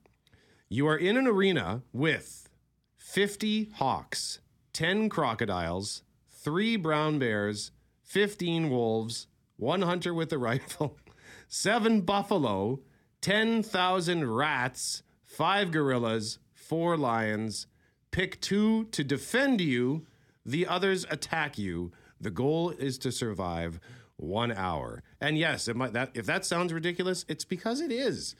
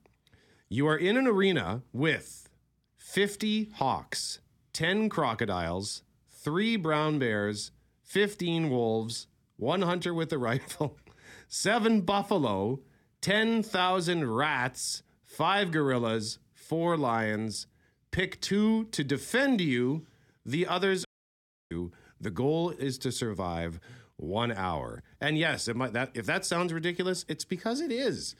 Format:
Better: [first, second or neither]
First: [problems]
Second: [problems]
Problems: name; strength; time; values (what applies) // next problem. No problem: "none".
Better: first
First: none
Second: audio cutting out; at 21 s for 0.5 s